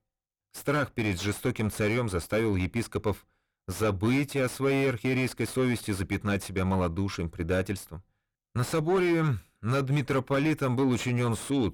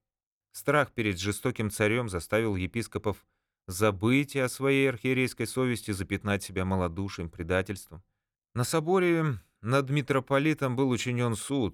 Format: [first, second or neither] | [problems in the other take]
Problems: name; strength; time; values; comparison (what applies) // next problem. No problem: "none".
second | distortion; heavy; 7 dB below the speech